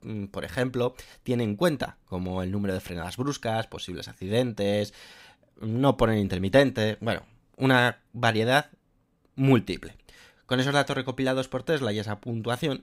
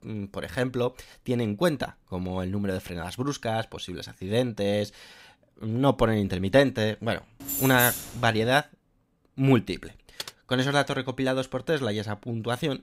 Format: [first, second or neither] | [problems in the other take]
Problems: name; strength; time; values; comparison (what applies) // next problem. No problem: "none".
first | jangling keys; loud; at 7.5 s; peak 1 dB above the speech // keyboard typing; faint; at 10 s; peak 10 dB below the speech